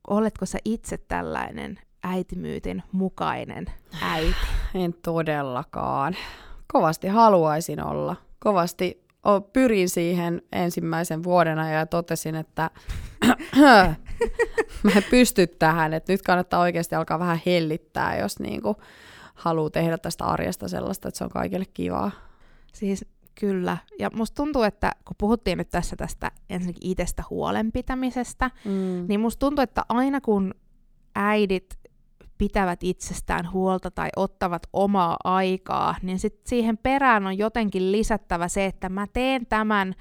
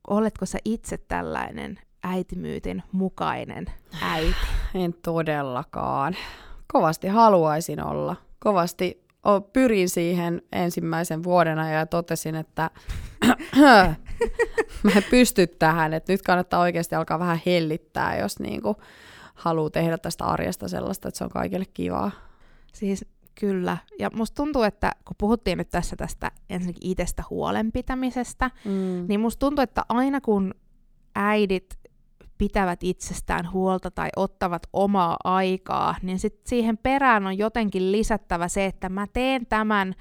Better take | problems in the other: neither | none

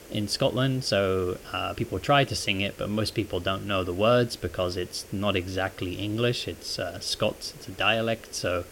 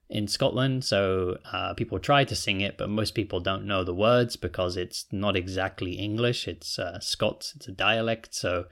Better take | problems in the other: second | hiss; noticeable; throughout; 20 dB below the speech

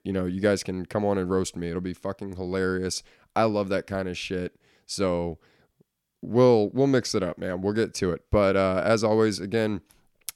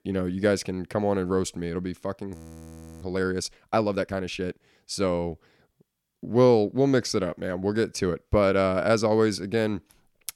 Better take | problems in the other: first | audio freezing; at 2.5 s for 0.5 s

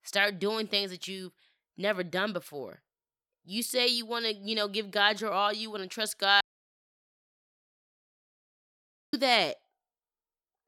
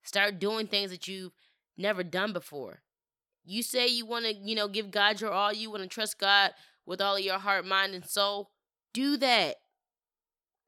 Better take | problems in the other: second | audio cutting out; at 6.5 s for 2.5 s

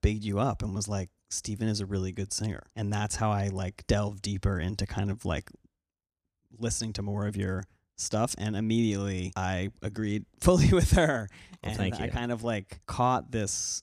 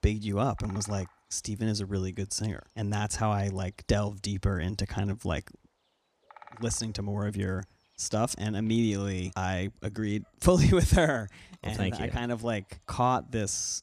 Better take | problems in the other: first | animal sounds; faint; throughout; 30 dB below the speech

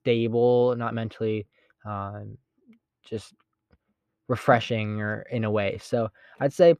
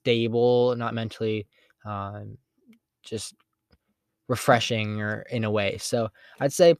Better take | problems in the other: second | muffled; slightly; fading above 3.5 kHz

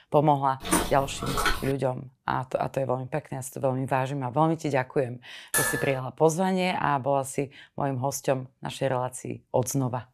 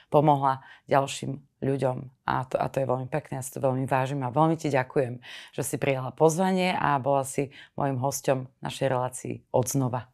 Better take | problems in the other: second | footsteps; loud; from 0.5 to 1.5 s; peak 2 dB above the speech // clattering dishes; loud; at 5.5 s; peak 2 dB above the speech

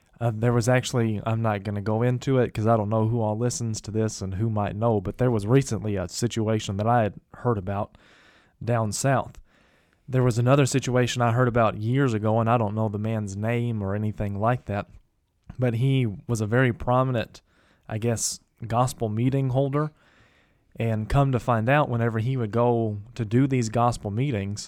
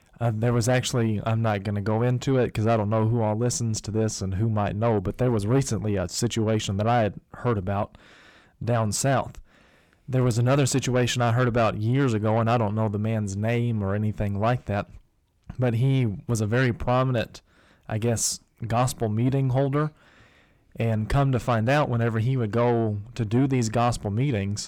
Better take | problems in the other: first | distortion; slight; 10 dB below the speech

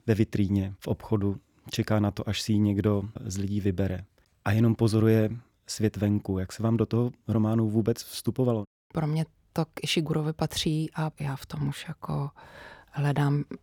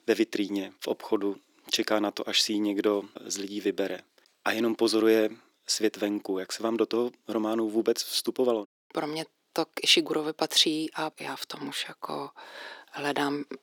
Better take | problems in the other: first | thin; somewhat; fading below 300 Hz

